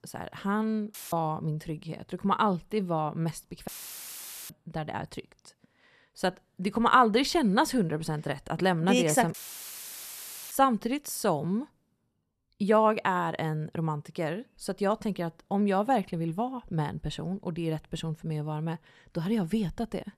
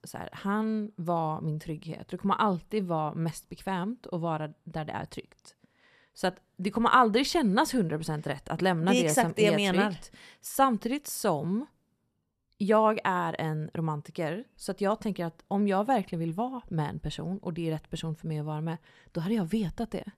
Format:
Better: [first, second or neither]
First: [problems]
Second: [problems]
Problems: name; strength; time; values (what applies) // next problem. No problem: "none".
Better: second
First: audio cutting out; filled with static; at 1 s, at 3.5 s for 1 s and at 9.5 s for 1 s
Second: none